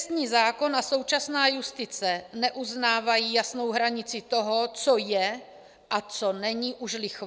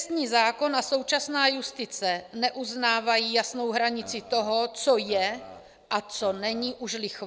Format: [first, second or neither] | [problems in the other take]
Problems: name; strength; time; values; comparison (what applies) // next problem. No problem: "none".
first | background sound (Burping, eructation); 19 dB below the speech